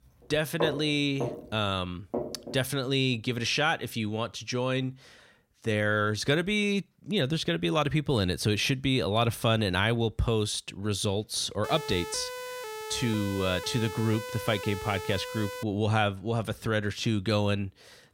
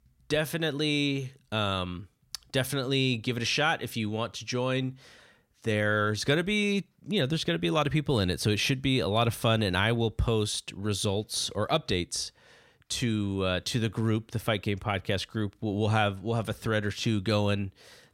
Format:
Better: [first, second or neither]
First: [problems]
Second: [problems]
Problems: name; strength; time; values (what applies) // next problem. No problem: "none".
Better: second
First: footsteps; noticeable; from 0.5 to 2.5 s; peak 5 dB below the speech // siren; noticeable; from 12 to 16 s; peak 9 dB below the speech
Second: none